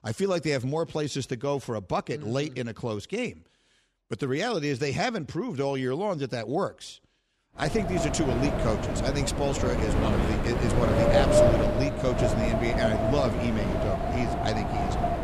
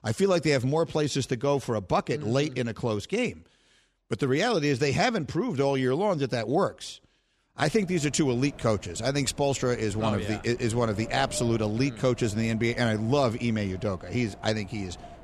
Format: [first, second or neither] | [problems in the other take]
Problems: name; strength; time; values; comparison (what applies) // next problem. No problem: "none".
second | wind noise on the microphone; heavy; from 7.5 s on; 3 dB above the speech; occasional gusts in the second